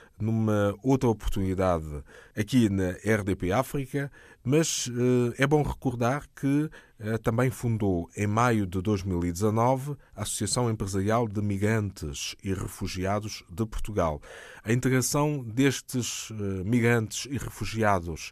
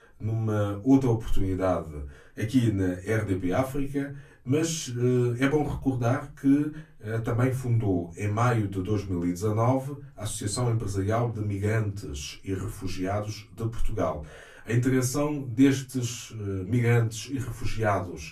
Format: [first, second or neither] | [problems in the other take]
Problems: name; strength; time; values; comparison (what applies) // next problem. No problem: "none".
first | off-mic speech; far // room echo; very slight; dies away in 0.2 s